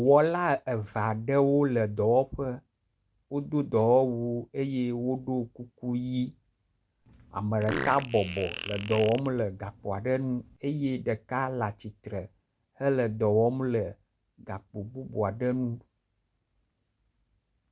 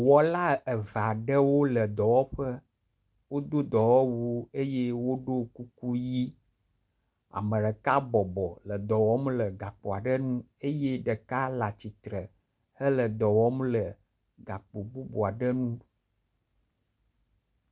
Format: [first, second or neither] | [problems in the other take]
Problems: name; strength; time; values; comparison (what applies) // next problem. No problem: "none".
second | background sound (Fart); 11 dB below the speech